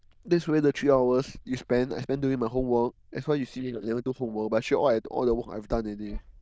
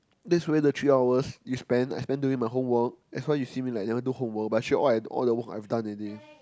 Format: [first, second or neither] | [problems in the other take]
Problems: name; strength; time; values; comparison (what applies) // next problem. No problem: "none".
second | noise reduction (neural diffusion model UNIVERSE++)